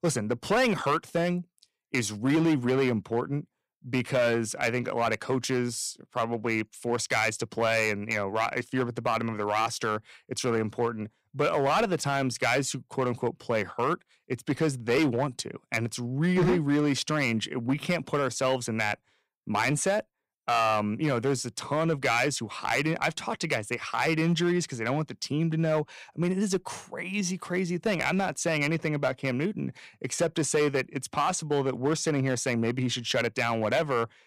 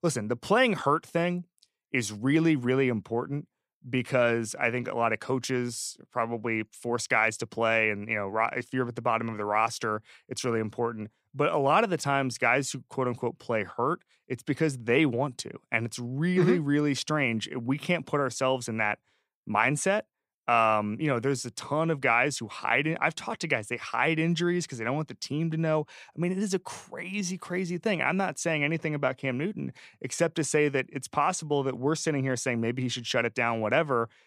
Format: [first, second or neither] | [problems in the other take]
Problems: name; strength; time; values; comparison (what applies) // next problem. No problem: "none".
second | distortion; slight; 5% of the sound clipped